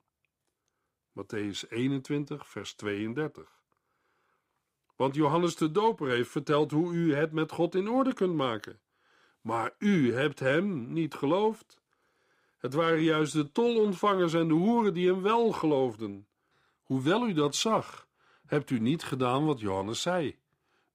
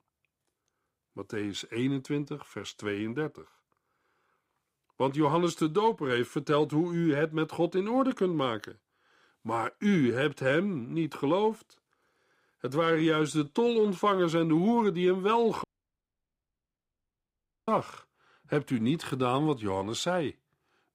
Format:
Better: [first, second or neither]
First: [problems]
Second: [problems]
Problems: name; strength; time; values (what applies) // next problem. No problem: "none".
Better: first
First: none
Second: audio cutting out; at 16 s for 2 s